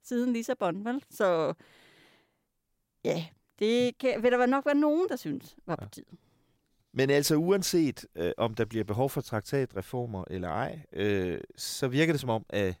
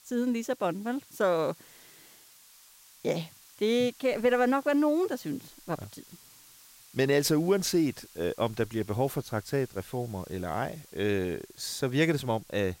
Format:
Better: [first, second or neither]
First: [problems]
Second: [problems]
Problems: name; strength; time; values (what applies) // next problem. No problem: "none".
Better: first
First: none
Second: hiss; faint; throughout; 25 dB below the speech